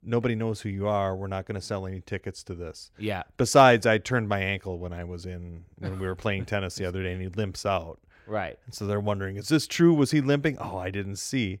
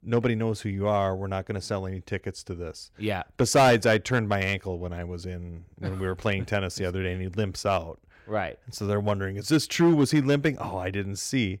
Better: first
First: none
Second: distortion; slight; 1.8% of the sound clipped

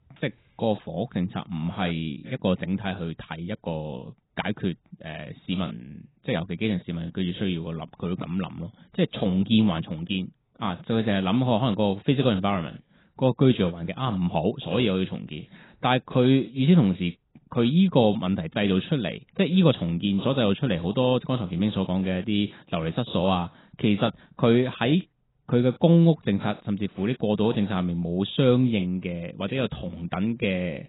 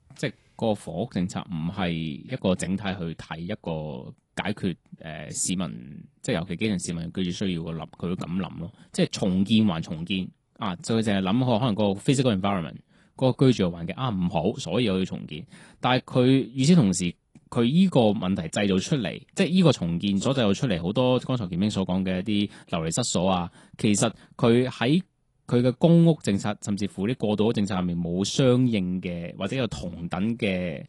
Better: second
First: garbled, watery; badly; nothing above 4 kHz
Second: garbled, watery; slightly; nothing above 10 kHz

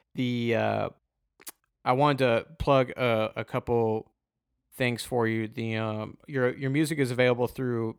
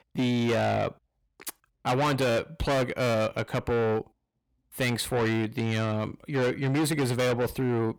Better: first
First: none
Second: distortion; heavy; 6 dB below the speech

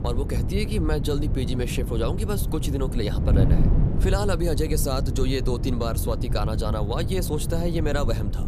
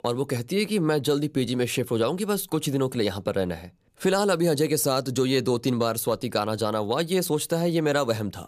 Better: second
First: wind noise on the microphone; heavy; 8 dB below the speech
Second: none

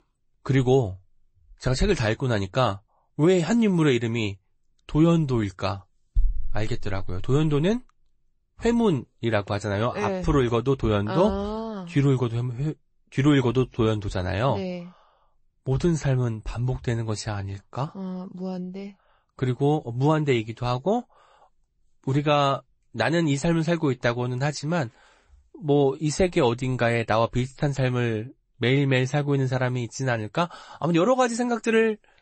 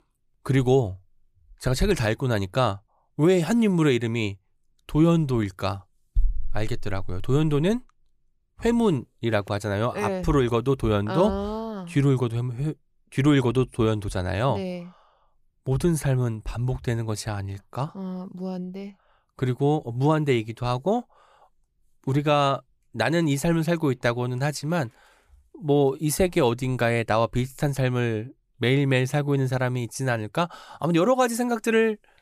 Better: second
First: garbled, watery; slightly; nothing above 8 kHz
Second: none

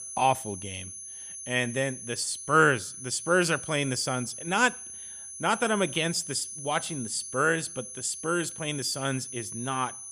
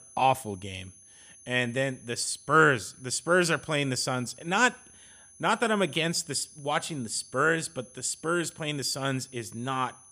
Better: second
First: high-pitched whine; loud; throughout; 10 kHz, 10 dB below the speech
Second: high-pitched whine; faint; throughout; 10 kHz, 20 dB below the speech

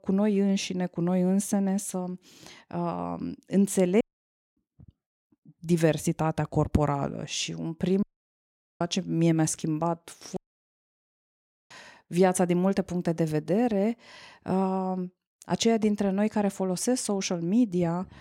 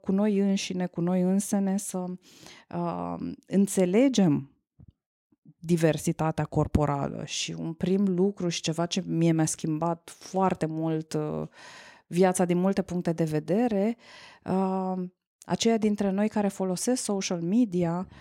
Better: second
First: audio cutting out; at 4 s for 0.5 s, at 8 s for 1 s and at 10 s for 1.5 s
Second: none

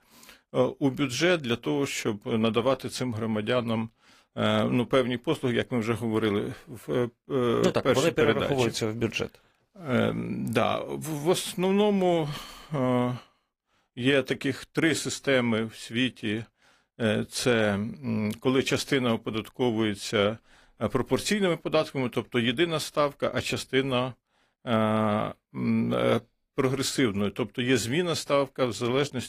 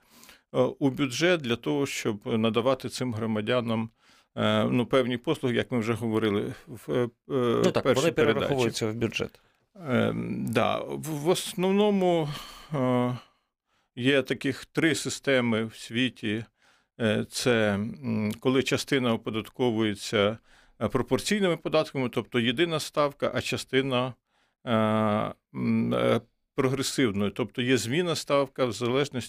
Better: second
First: garbled, watery; slightly; nothing above 15 kHz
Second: none

